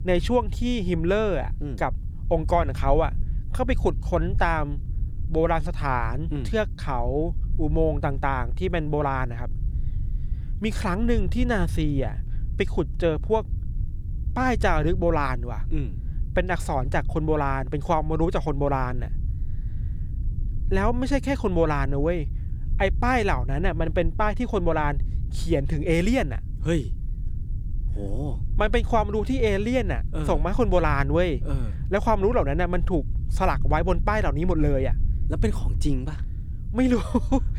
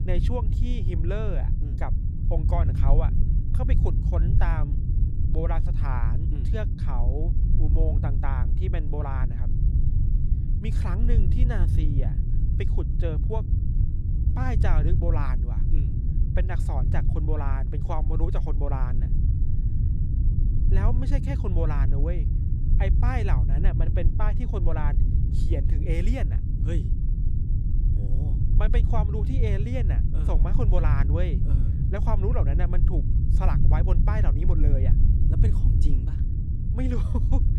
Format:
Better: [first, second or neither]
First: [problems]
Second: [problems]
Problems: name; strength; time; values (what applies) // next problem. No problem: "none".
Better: first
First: low rumble; faint; throughout; 20 dB below the speech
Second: low rumble; loud; throughout; 5 dB below the speech